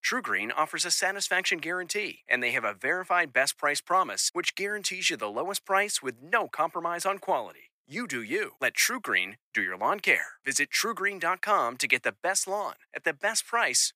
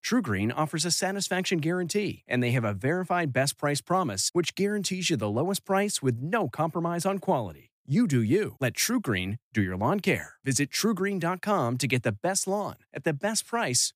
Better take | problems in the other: second | thin; very; fading below 500 Hz

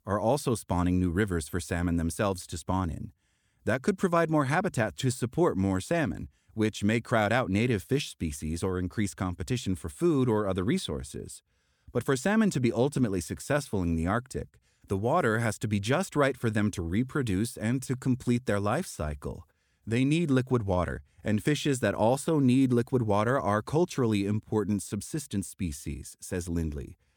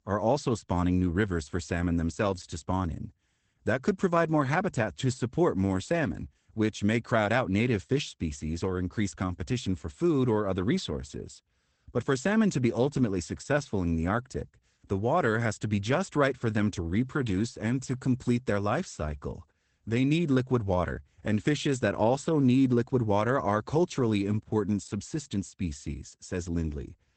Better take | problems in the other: first | garbled, watery; badly; nothing above 8 kHz

